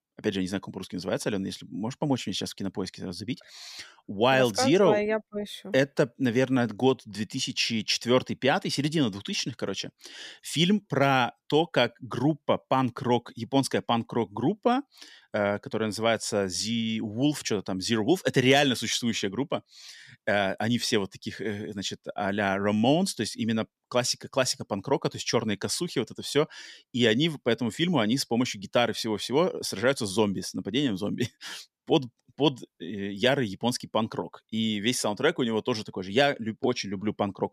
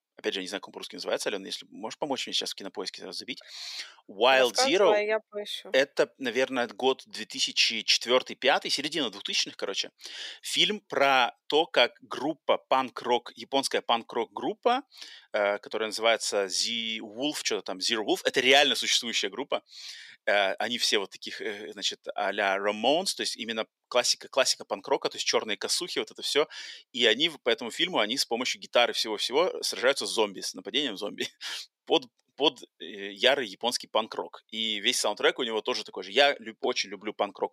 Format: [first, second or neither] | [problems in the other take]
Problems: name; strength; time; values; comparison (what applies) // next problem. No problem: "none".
first | thin; somewhat; fading below 500 Hz